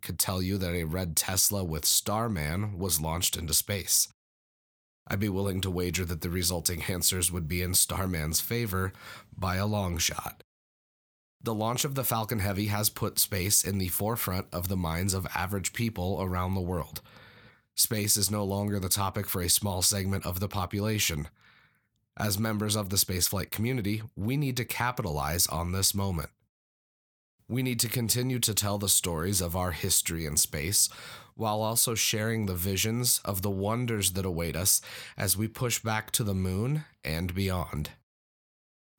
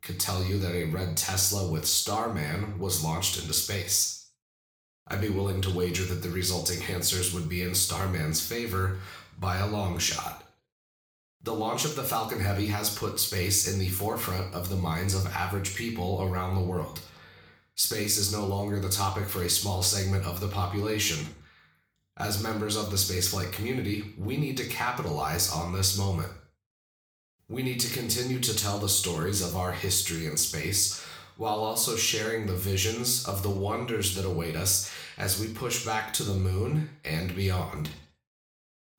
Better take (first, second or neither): first